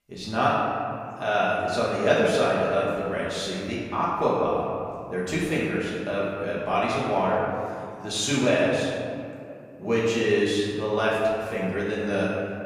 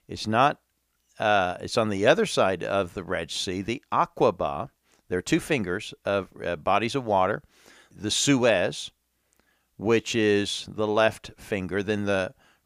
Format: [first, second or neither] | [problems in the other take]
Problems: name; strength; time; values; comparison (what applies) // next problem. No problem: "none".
second | off-mic speech; far // room echo; strong; dies away in 2.1 s